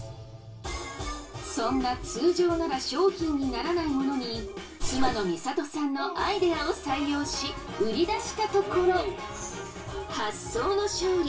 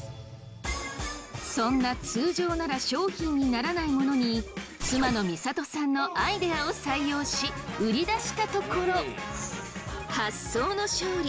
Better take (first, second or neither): second